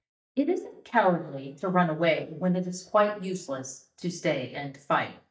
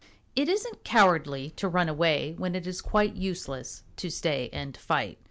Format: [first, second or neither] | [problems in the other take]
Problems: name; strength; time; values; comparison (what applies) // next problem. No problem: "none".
second | noise reduction (neural mask model DeepFilterNet 3)